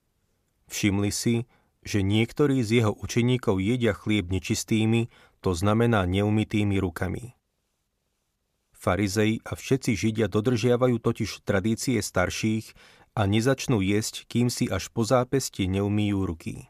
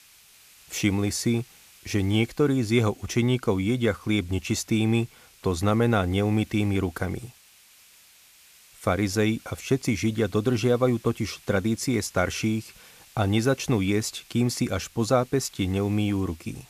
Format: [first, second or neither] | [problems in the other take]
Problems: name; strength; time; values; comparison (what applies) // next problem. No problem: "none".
first | hiss; faint; throughout; 25 dB below the speech